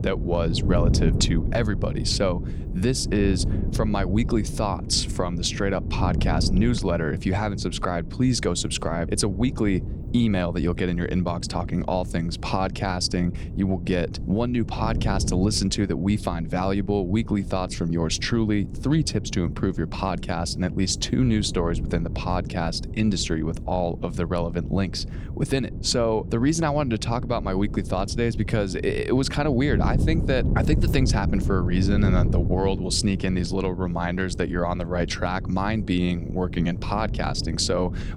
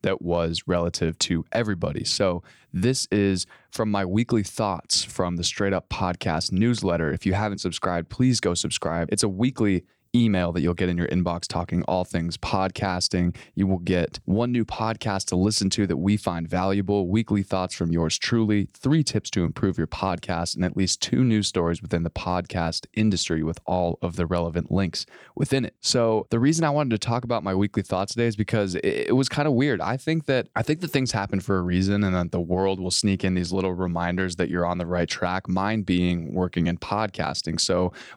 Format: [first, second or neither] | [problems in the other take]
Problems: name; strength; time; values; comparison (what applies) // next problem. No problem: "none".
second | wind noise on the microphone; occasional gusts; 15 dB below the speech